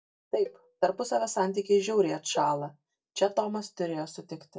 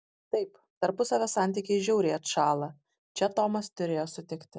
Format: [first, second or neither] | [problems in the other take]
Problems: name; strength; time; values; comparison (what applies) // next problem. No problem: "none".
second | noise reduction (neural mask model DeepFilterNet 3)